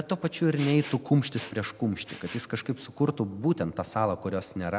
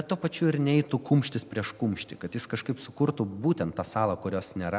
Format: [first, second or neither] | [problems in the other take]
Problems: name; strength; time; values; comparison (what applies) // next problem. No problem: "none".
second | background sound (Respiratory sounds); 18 dB below the speech